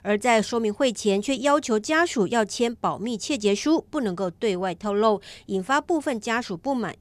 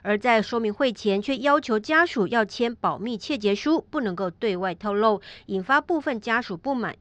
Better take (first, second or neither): first